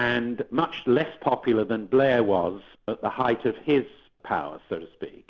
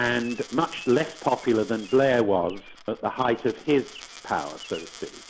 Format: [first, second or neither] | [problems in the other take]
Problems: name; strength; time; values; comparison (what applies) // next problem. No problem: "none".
first | background sound (Coin (dropping) + Bird vocalization, bird call, bird song); 19 dB below the speech